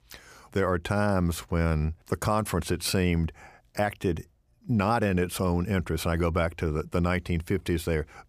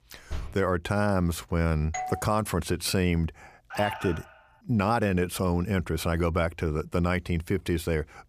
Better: first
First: none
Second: door banging; faint; at 0.5 s; peak 10 dB below the speech // doorbell; noticeable; at 2 s; peak 7 dB below the speech // alarm; noticeable; at 3.5 s; peak 8 dB below the speech

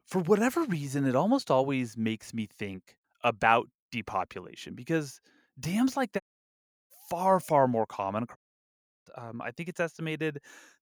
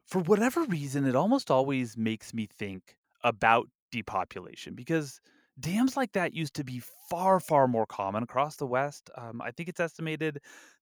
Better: second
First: audio cutting out; at 6 s for 0.5 s and at 8.5 s for 0.5 s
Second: none

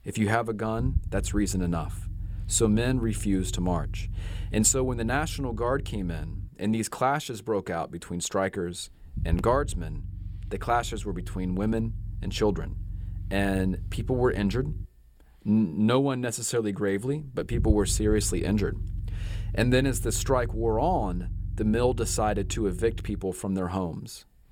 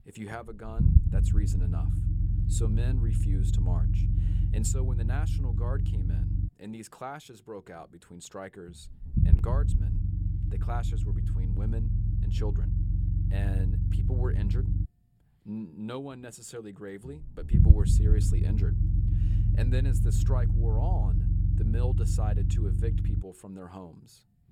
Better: first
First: low rumble; faint; throughout; 20 dB below the speech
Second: low rumble; loud; throughout; 1 dB below the speech

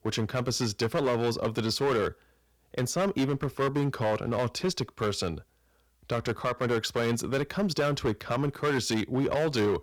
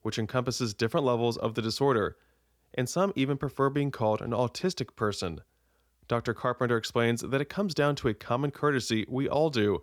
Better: second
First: distortion; heavy; 10% of the sound clipped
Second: none

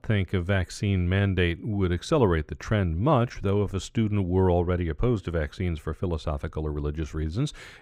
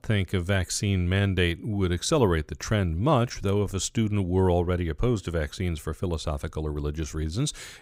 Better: second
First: muffled; slightly; fading above 4 kHz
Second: none

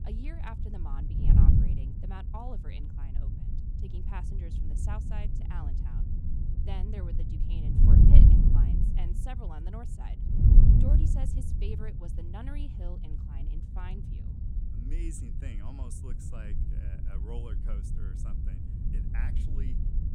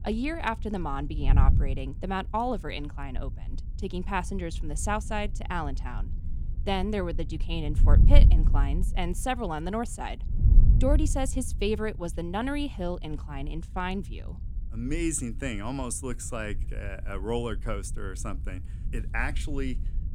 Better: second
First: wind noise on the microphone; heavy; 4 dB above the speech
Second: wind noise on the microphone; occasional gusts; 15 dB below the speech

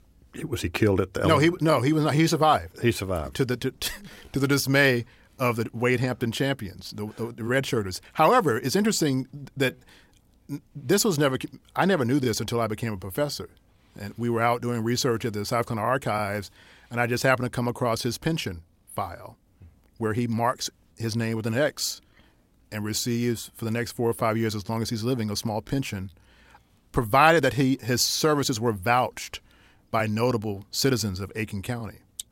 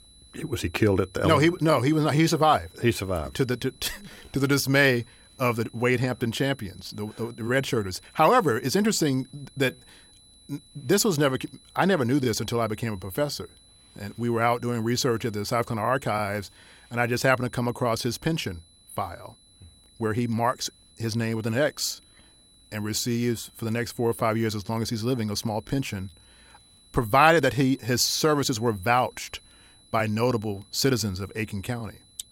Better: first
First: none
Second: high-pitched whine; faint; throughout; 4 kHz, 30 dB below the speech

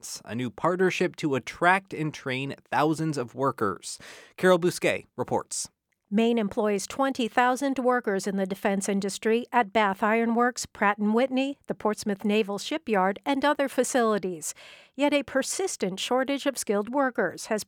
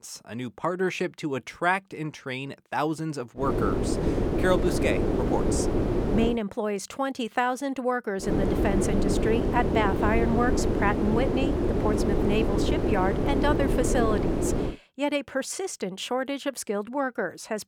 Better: first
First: none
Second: wind noise on the microphone; heavy; from 3.5 to 6.5 s and from 8.5 to 15 s; 1 dB below the speech

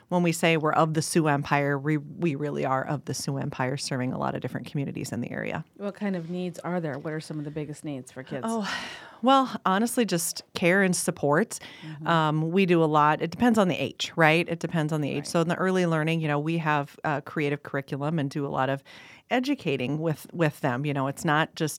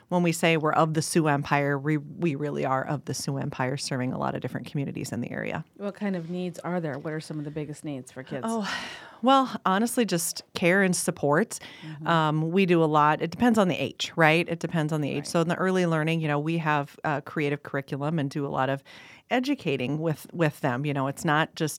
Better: neither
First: none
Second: none

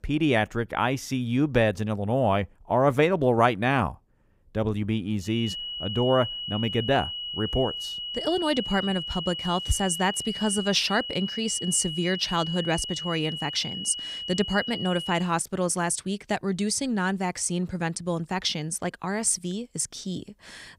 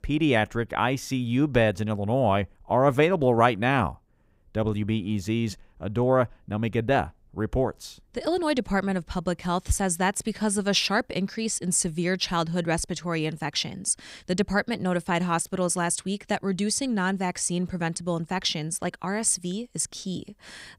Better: second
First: high-pitched whine; loud; from 5.5 to 15 s; 3 kHz, 6 dB below the speech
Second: none

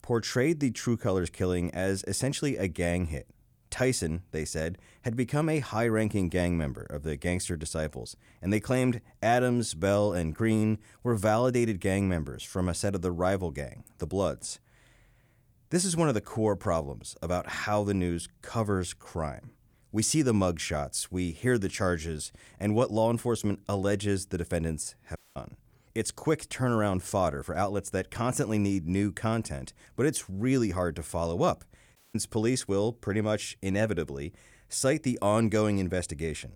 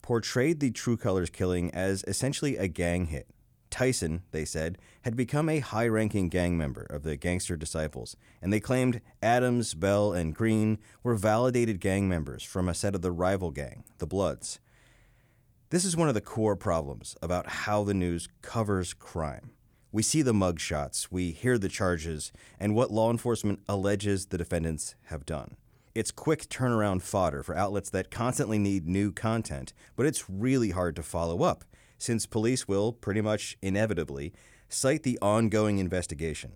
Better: second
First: audio cutting out; at 25 s and at 32 s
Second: none

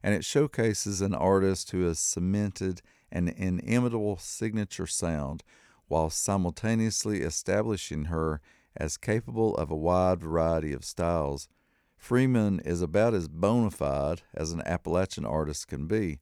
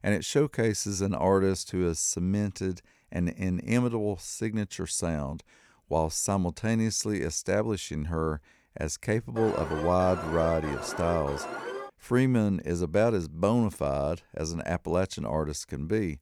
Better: first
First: none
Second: alarm; noticeable; from 9.5 to 12 s; peak 7 dB below the speech

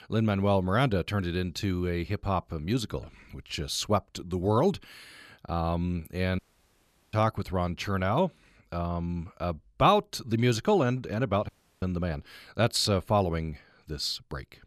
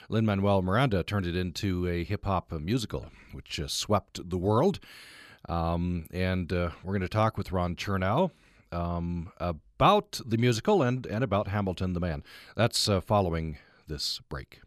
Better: second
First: audio cutting out; at 6.5 s for 0.5 s and at 11 s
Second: none

